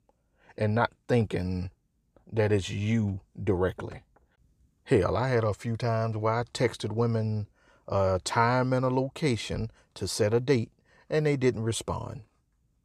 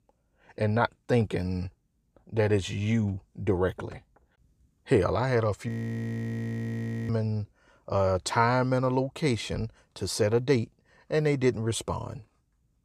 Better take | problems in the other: first | audio freezing; at 5.5 s for 1.5 s

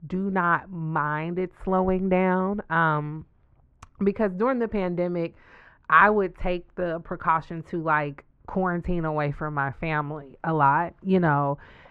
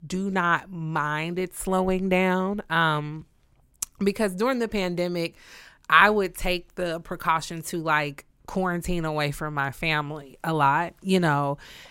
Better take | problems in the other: second | muffled; very; fading above 1.5 kHz

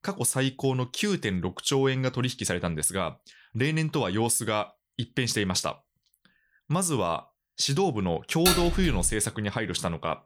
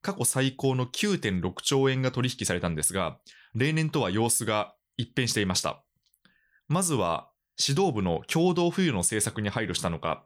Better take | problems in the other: second | clattering dishes; loud; at 8.5 s; peak 3 dB above the speech

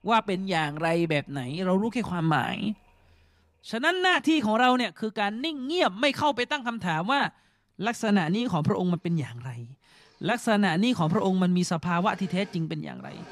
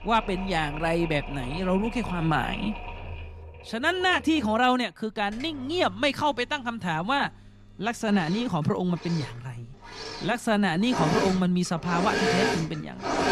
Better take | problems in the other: first | machinery noise; loud; throughout; 6 dB below the speech; faint in the first

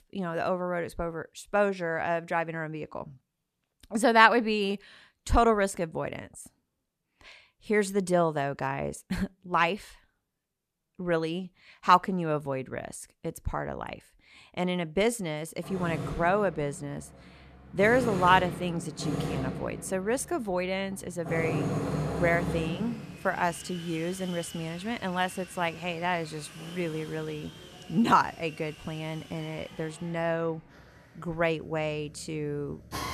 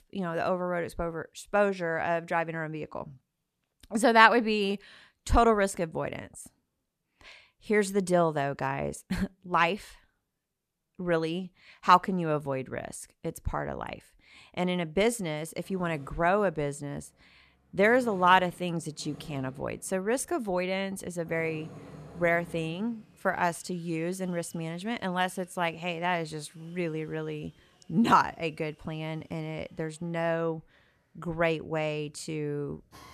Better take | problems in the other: second | machinery noise; loud; from 16 s on; 9 dB below the speech; faint in the second

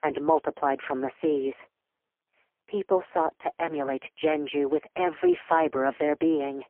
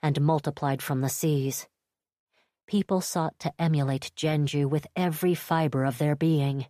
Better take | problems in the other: second | phone-call audio; poor line; nothing above 3 kHz

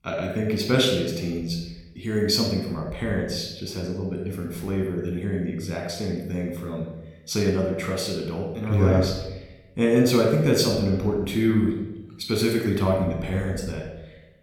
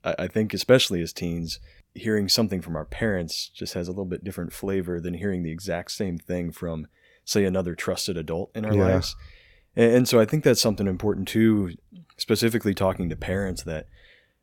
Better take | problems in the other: second | off-mic speech; somewhat distant // room echo; noticeable; dies away in 0.8 s

